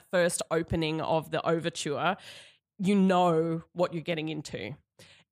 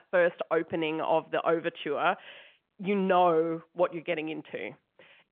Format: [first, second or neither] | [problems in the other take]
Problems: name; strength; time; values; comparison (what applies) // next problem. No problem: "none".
first | phone-call audio; nothing above 3.5 kHz